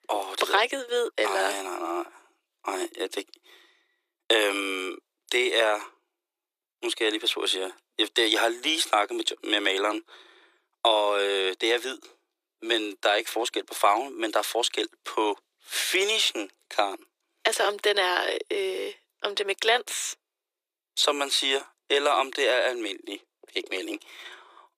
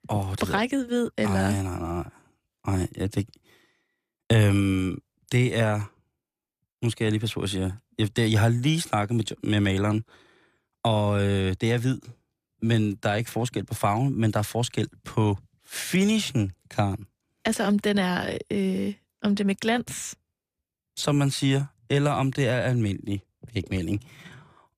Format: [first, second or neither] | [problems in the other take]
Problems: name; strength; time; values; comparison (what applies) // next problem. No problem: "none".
second | thin; very; fading below 350 Hz